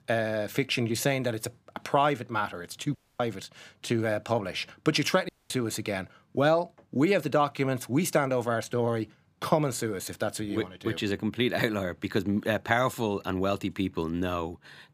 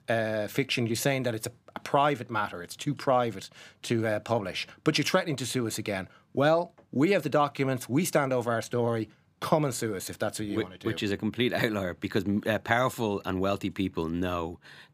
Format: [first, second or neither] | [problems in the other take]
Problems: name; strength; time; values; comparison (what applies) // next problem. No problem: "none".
second | audio cutting out; at 3 s and at 5.5 s